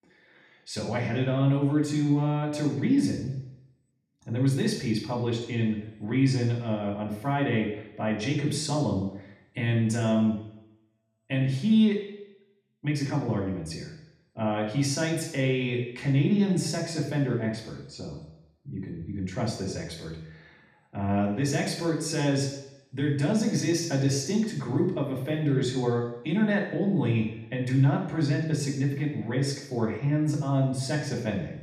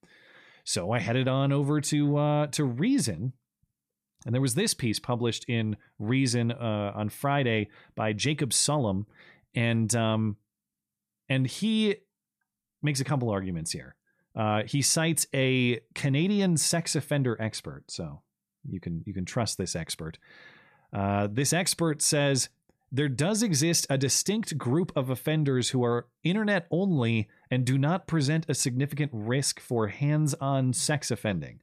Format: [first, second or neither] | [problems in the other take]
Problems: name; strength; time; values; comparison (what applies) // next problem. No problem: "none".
second | room echo; noticeable; dies away in 0.8 s // off-mic speech; far